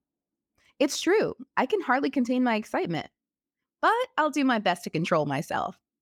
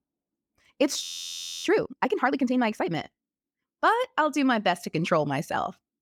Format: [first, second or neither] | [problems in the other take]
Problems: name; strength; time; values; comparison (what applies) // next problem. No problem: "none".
first | audio freezing; at 1 s for 0.5 s